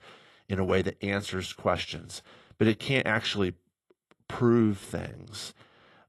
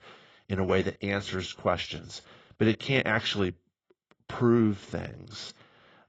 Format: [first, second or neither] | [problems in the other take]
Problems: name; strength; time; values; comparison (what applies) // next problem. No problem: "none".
first | garbled, watery; badly; nothing above 7.5 kHz; slightly in the first